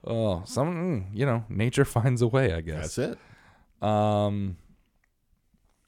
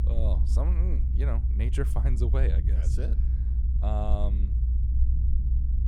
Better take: first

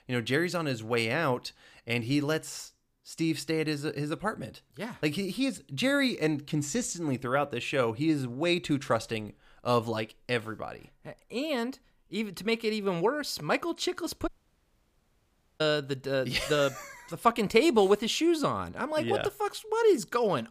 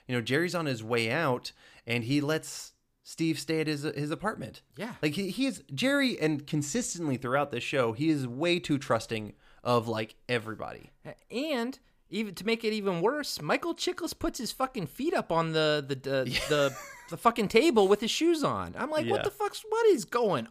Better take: second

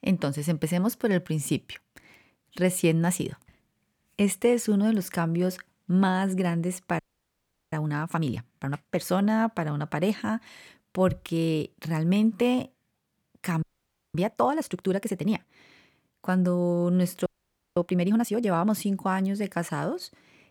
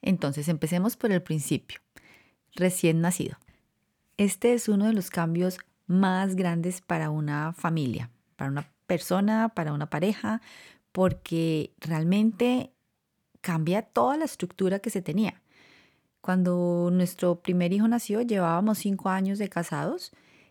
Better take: second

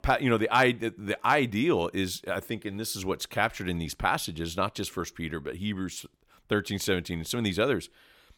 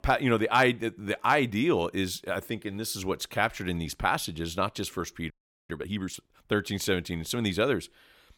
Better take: first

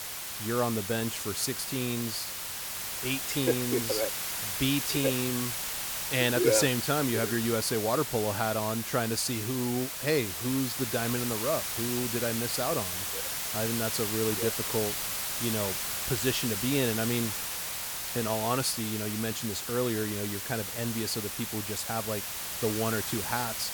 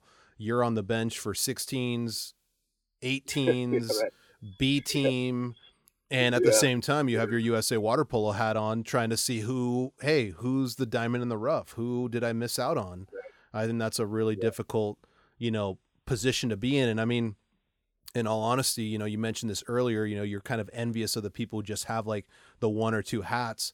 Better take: second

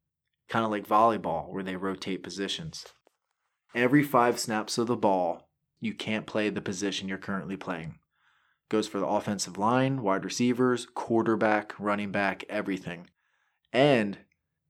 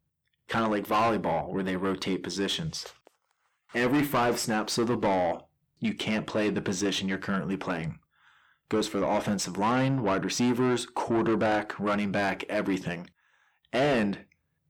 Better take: first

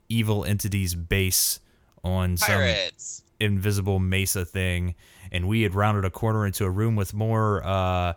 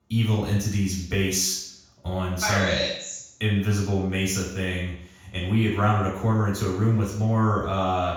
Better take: first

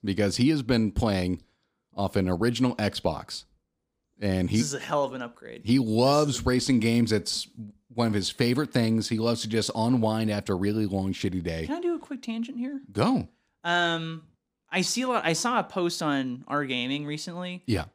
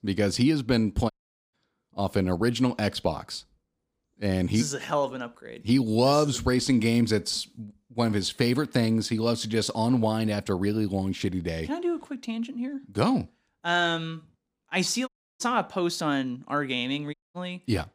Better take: first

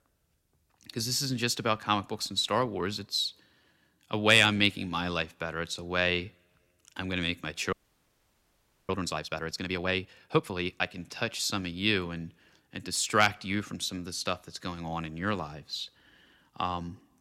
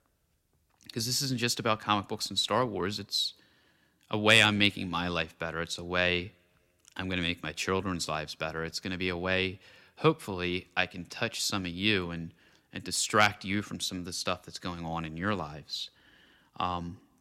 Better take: second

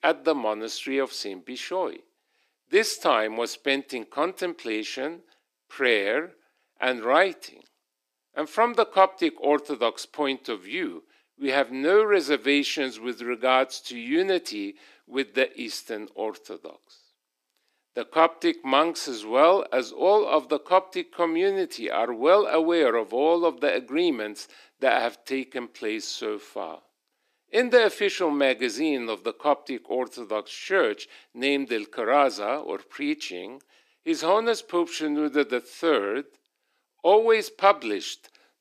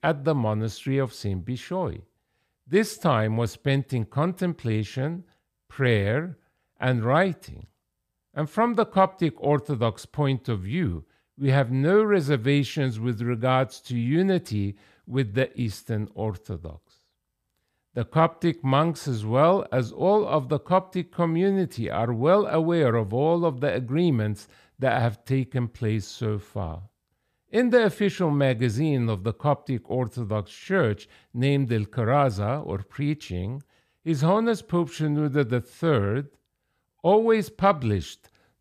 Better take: second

